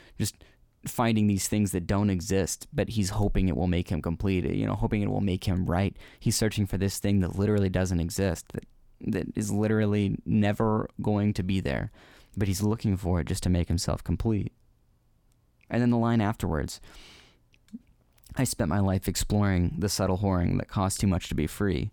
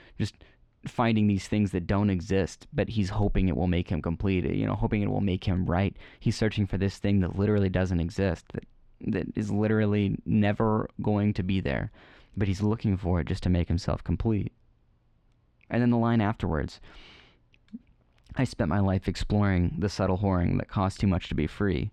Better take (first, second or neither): first